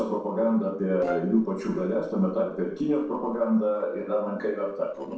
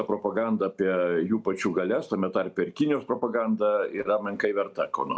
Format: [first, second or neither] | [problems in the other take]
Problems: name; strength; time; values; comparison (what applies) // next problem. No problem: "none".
second | noise reduction (neural separator model SepFormer DNS4)